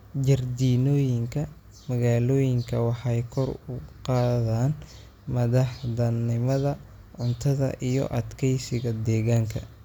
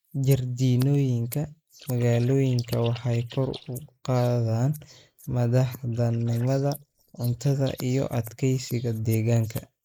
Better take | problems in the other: first | noise reduction (neural mask model Resemble Enhance denoiser)

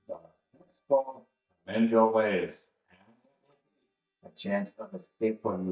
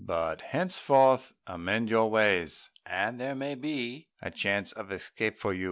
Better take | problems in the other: second | noise reduction (neural mask model DeepFilterNet 3)

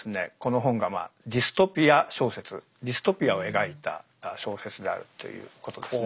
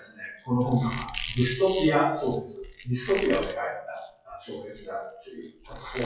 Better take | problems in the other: first | noise reduction (classical method WPE with log-MMSE)

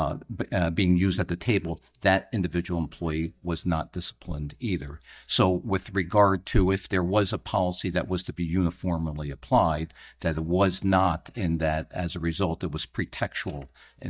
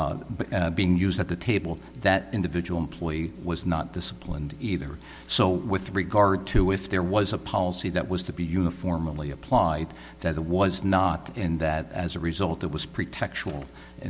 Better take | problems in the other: second | noise reduction (neural mask model DeepFilterNet 3)

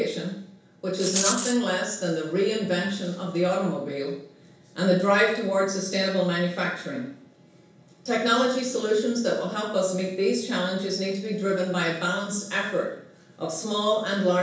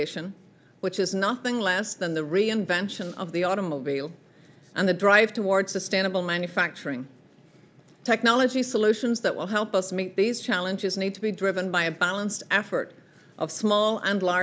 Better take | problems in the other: second | background sound (Rattle); 2 dB below the speech // room echo; dies away in 0.7 s

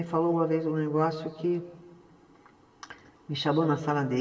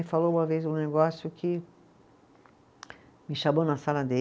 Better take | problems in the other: second | room echo; dies away in 1.4 s

